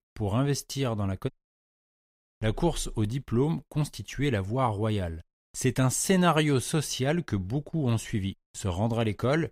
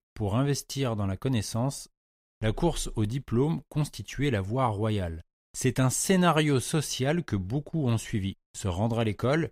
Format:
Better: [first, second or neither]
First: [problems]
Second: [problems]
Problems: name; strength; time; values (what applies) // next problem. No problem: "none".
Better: second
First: audio cutting out; at 1.5 s for 1 s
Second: none